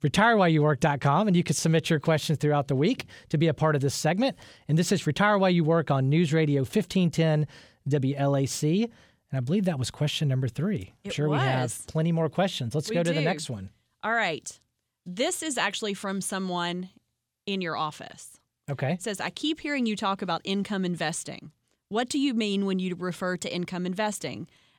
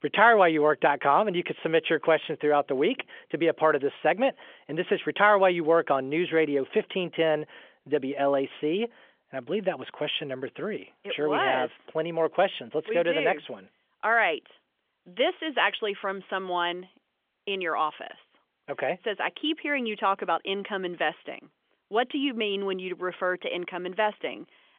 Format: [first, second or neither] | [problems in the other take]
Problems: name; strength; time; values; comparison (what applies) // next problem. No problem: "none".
first | phone-call audio; nothing above 3.5 kHz